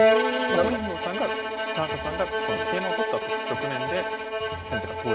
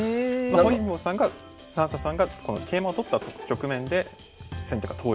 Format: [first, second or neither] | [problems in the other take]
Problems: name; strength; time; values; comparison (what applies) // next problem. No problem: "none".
second | background sound (Bowed string instrument); 4 dB above the speech